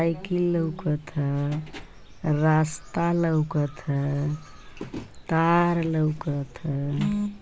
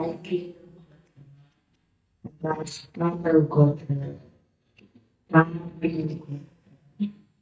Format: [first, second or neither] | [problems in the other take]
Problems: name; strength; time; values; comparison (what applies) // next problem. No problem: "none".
first | noise reduction (neural mask model DeepFilterNet 3)